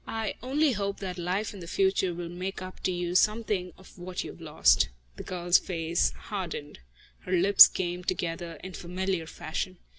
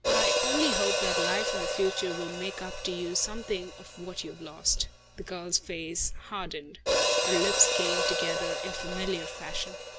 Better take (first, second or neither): first